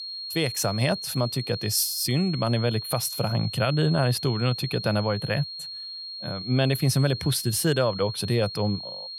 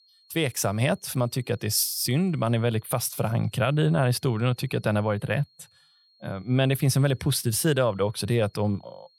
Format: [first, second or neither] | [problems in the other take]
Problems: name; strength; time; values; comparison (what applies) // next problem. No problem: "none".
second | high-pitched whine; loud; throughout; 4.5 kHz, 8 dB below the speech; faint in the second